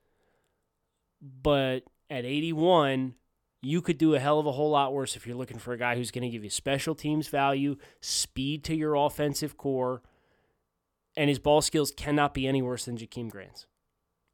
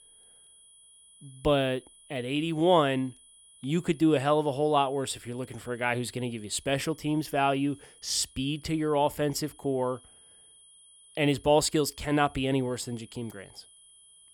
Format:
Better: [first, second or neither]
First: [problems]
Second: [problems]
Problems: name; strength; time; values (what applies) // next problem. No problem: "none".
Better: first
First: none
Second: high-pitched whine; faint; throughout; 10.5 kHz, 25 dB below the speech